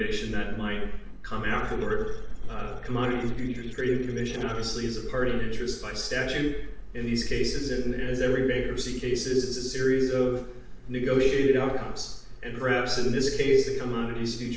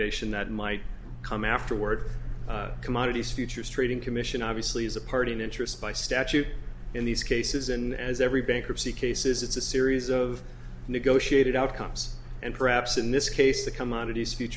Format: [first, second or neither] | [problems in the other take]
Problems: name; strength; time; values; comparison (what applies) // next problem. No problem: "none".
second | noise reduction (neural separator model SepFormer DNS4)